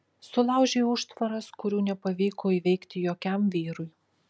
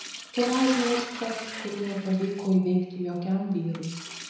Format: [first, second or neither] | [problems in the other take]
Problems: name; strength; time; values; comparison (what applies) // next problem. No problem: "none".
first | background sound (Liquid); 11 dB below the speech // room echo; dies away in 1 s